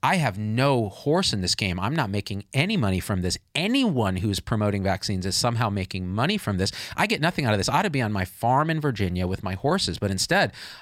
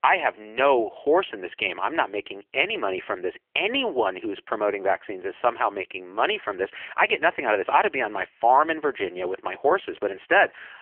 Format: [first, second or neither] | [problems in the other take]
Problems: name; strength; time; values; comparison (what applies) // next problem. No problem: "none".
first | phone-call audio; poor line; nothing above 3 kHz